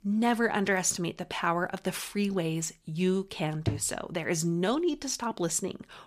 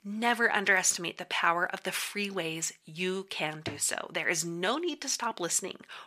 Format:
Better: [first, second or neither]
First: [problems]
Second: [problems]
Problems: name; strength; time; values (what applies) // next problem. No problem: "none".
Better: first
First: none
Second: thin; somewhat; fading below 600 Hz